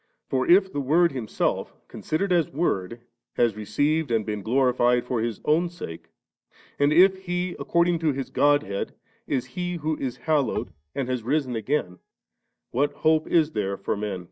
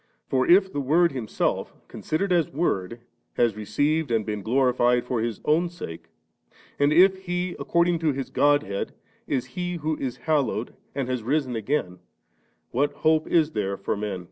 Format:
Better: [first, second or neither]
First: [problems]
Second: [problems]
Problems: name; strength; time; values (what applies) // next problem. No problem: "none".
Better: second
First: noise reduction (neural mask model DeepFilterNet 3)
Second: none